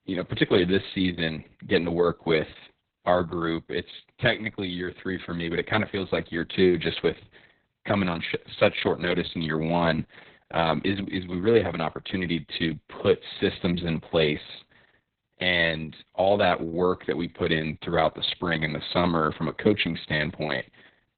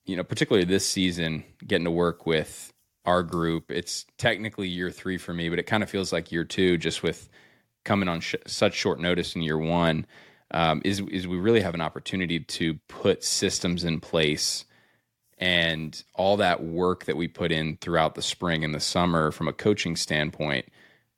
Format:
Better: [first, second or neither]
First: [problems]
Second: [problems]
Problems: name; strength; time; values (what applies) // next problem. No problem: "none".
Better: second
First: garbled, watery; badly; nothing above 4 kHz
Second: none